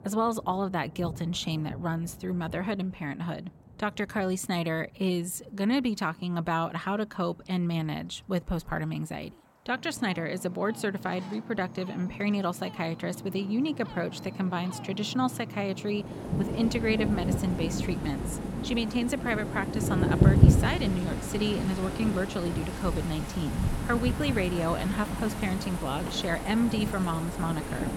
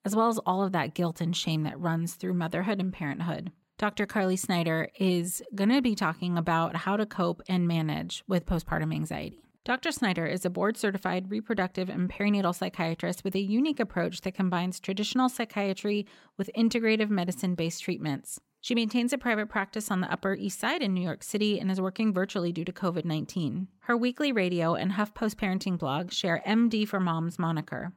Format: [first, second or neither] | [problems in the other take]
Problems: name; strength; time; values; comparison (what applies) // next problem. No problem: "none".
second | rain or running water; loud; throughout; as loud as the speech